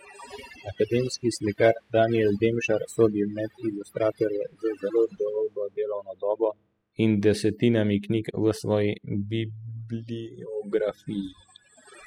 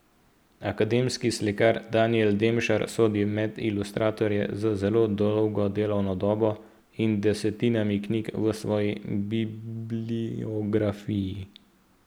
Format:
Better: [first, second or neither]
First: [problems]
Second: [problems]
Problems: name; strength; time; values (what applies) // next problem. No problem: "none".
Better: second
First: noise reduction (classical method spectral subtraction)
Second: none